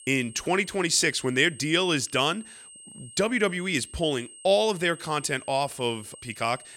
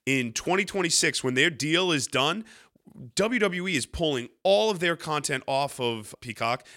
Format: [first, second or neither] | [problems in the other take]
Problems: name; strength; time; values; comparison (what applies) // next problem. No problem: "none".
second | high-pitched whine; noticeable; throughout; 8.5 kHz, 20 dB below the speech